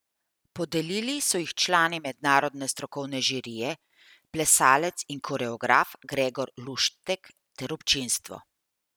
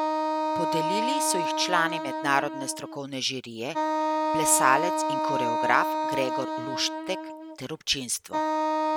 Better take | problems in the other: first | background sound (Wind instrument, woodwind instrument); 1 dB above the speech

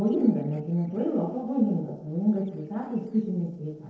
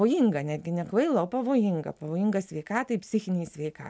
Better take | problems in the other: second | noise reduction (neural separator model SepFormer DNS4)

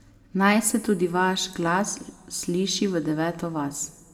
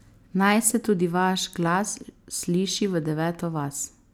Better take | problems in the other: second | room echo; dies away in 1.3 s

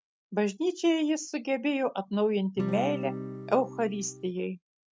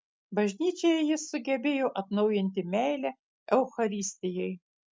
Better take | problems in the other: second | background sound (Acoustic guitar / Strum); 7 dB below the speech

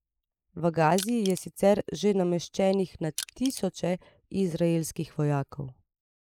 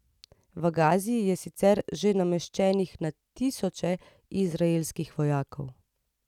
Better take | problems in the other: second | noise reduction (neural mask model Resemble Enhance denoiser)

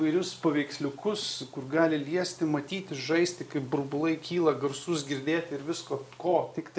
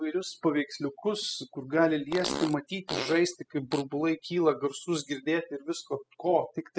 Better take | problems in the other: first | noise reduction (classical method spectral subtraction)

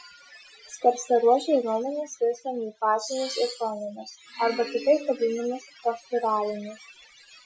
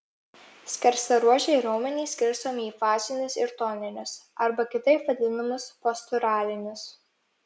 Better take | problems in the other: second | noise reduction (classical method Wiener filter)

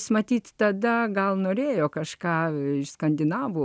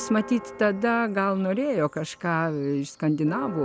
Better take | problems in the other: first | background sound (Church bell); 17 dB below the speech

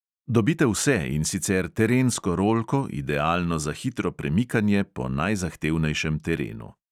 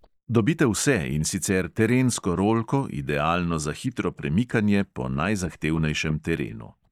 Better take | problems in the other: first | noise reduction (neural mask model DeepFilterNet 3)

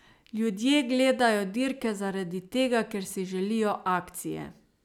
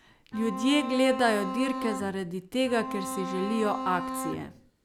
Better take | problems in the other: first | background sound (Bowed string instrument); 7 dB below the speech

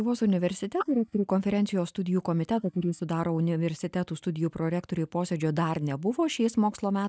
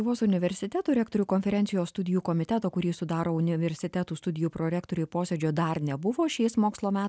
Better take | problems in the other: second | noise reduction (neural mask model DeepFilterNet 3)

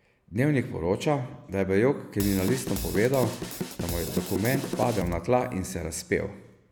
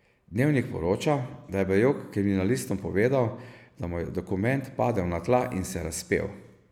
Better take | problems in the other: second | background sound (Drum kit); 6 dB below the speech

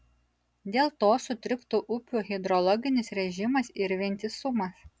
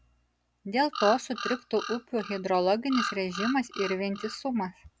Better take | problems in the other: first | background sound (Bird vocalization, bird call, bird song); 8 dB below the speech

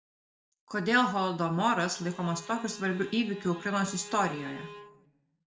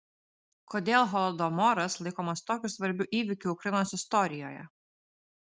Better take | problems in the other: second | background sound (Bowed string instrument); 18 dB below the speech // room echo; dies away in 0.9 s

